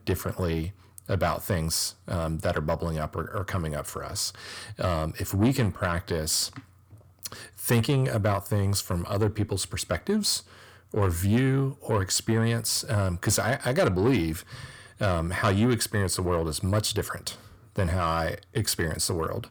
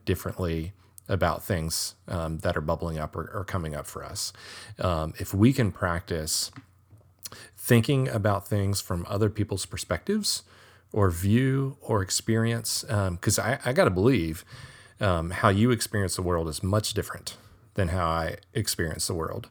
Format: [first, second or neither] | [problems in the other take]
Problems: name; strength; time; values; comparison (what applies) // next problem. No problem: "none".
second | distortion; slight; 10 dB below the speech